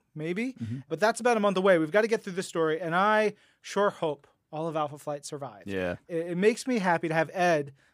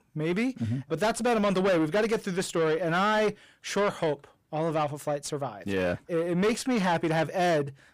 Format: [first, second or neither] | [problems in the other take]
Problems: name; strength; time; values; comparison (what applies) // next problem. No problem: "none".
first | distortion; heavy; 7 dB below the speech